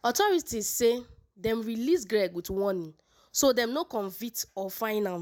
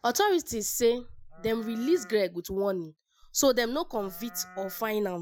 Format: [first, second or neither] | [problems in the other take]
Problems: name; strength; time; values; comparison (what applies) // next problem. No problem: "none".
first | noise reduction (classical method Wiener filter)